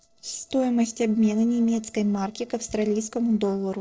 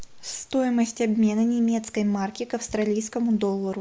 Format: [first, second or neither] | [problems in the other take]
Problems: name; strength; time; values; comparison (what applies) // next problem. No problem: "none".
second | noise reduction (neural separator model SepFormer DNS4)